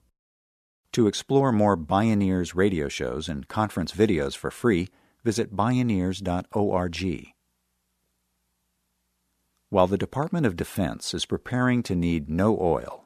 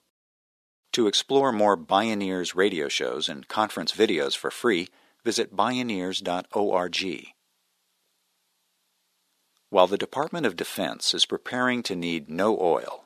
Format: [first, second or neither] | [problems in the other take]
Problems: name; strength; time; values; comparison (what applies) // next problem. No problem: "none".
first | thin; somewhat; fading below 350 Hz